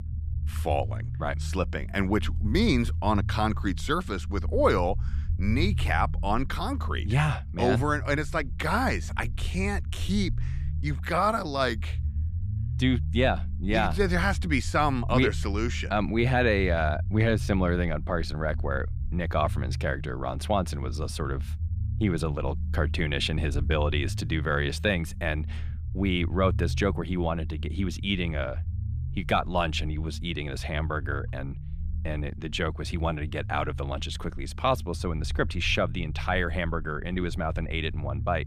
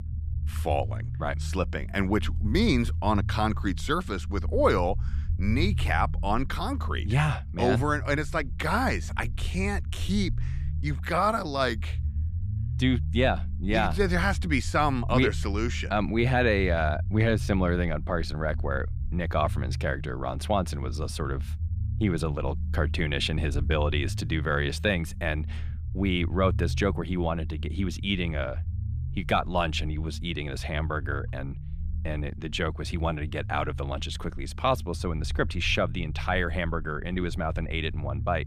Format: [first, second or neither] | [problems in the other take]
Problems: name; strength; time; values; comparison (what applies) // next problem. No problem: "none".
neither | low rumble; faint; throughout; 20 dB below the speech; the same in both